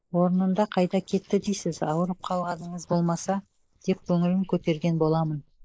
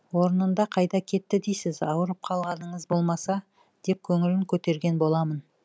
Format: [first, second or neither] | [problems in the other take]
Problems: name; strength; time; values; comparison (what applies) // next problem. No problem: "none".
second | noise reduction (neural mask model Resemble Enhance denoiser)